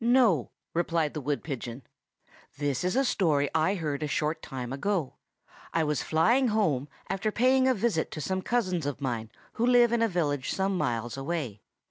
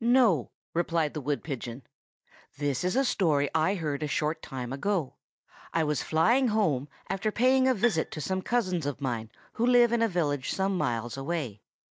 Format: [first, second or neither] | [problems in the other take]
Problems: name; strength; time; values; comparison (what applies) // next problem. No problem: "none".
first | noise reduction (neural mask model DeepFilterNet 3)